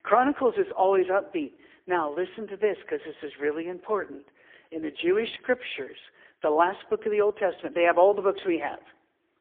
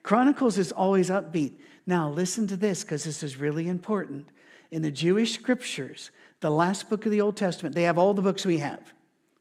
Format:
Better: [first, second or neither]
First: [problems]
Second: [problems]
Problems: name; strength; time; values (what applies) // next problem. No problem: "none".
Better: second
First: phone-call audio; poor line; nothing above 3.5 kHz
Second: none